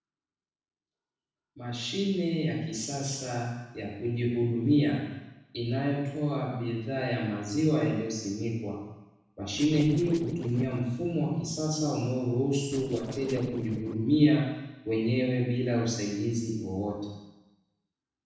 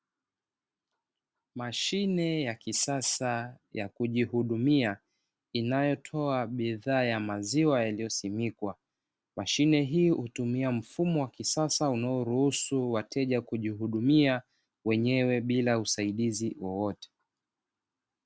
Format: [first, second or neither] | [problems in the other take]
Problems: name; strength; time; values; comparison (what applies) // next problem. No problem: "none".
second | noise reduction (neural separator model SepFormer DNS4)